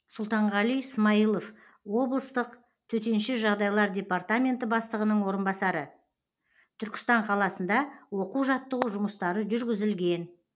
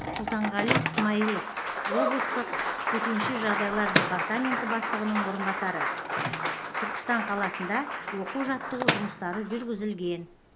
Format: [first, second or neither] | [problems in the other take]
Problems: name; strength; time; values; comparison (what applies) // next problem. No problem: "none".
first | background sound (Applause + Microwave oven); 1 dB above the speech